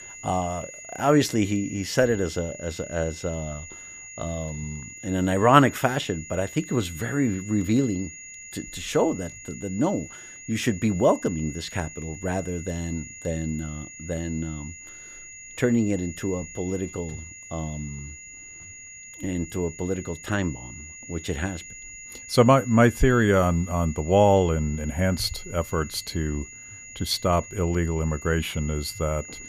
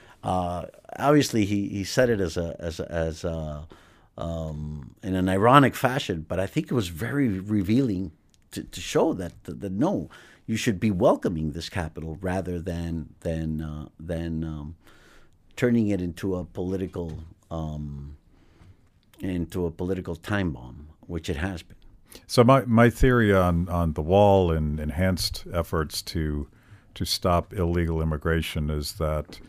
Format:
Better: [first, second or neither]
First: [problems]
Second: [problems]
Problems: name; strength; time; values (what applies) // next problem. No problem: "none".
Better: second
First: high-pitched whine; noticeable; throughout; 7 kHz, 15 dB below the speech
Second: none